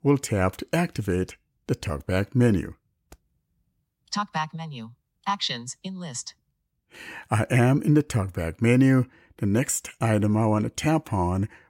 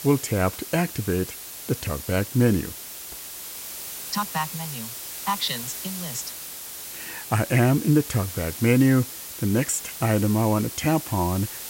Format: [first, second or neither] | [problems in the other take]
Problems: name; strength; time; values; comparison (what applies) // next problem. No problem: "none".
first | hiss; loud; throughout; 9 dB below the speech